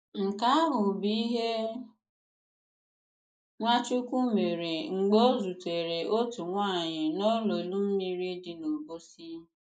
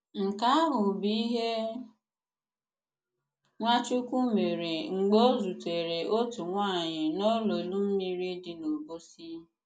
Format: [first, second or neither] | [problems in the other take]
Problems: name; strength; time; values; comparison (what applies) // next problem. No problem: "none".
second | noise reduction (neural mask model Resemble Enhance denoiser)